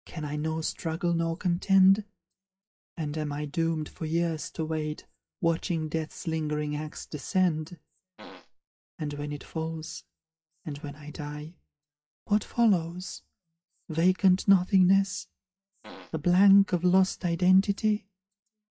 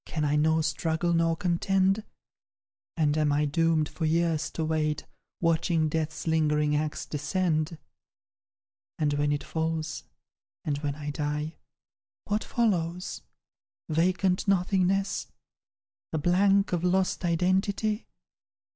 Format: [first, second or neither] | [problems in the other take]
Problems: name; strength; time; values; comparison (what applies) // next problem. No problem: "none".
second | noise reduction (classical method WPE with log-MMSE)